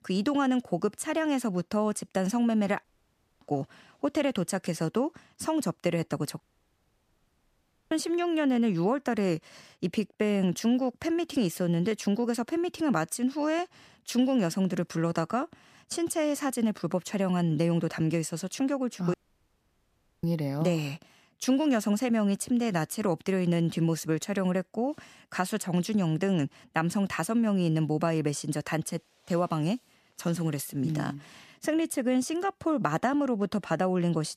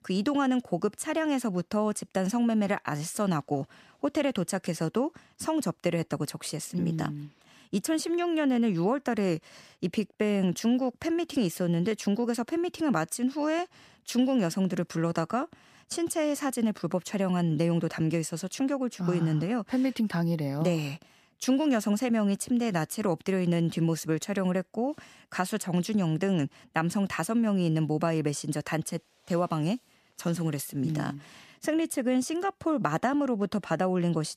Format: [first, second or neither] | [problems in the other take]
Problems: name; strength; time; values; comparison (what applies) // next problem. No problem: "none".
second | audio cutting out; at 3 s for 0.5 s, at 6.5 s for 1.5 s and at 19 s for 1 s